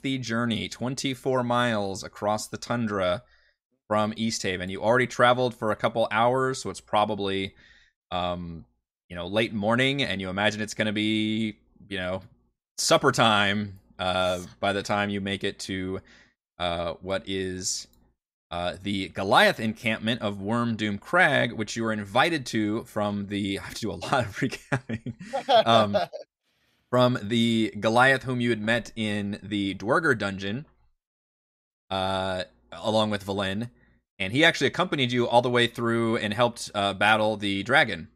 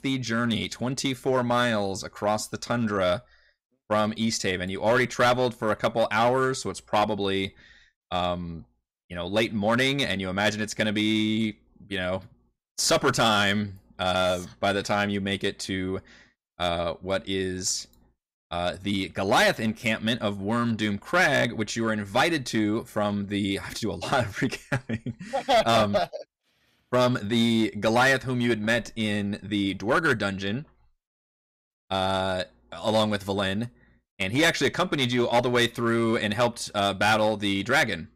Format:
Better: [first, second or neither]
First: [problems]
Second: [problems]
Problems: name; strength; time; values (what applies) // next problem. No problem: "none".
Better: first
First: none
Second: distortion; slight; 5% of the sound clipped